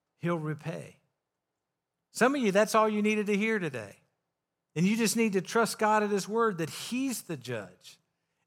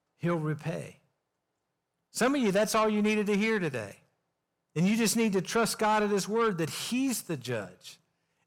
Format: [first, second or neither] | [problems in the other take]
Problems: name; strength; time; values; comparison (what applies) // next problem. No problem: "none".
first | distortion; slight; 10 dB below the speech